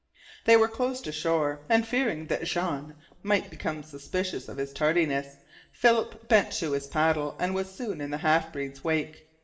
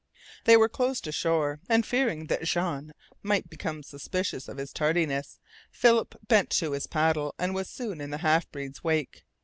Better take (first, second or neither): second